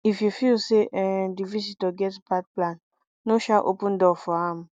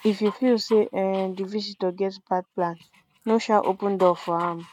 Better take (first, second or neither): first